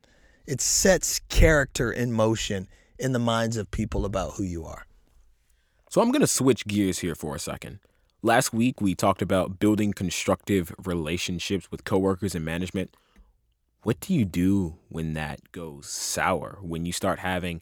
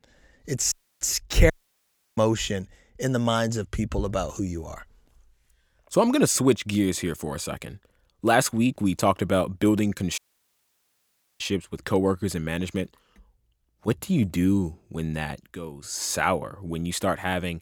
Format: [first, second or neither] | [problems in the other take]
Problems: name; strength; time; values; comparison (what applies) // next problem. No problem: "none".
first | audio cutting out; at 0.5 s, at 1.5 s for 0.5 s and at 10 s for 1 s